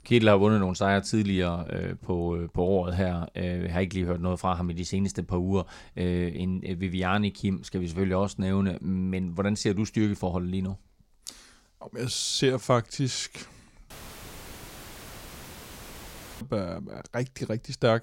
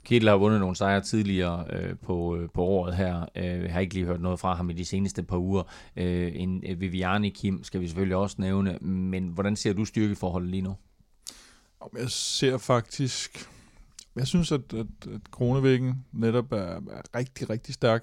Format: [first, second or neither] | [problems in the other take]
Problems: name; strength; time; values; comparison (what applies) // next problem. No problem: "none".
second | audio cutting out; filled with static; at 14 s for 2.5 s